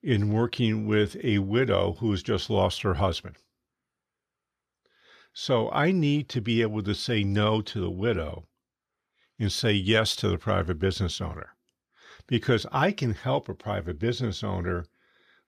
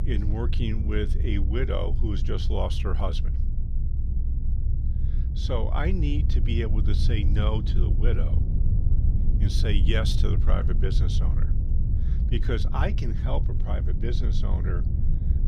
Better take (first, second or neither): first